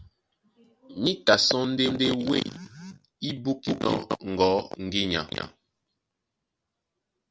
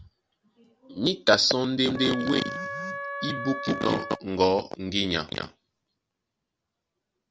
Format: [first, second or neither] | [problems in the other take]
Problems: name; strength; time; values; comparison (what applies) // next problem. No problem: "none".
first | background sound (Wind instrument, woodwind instrument); 7 dB below the speech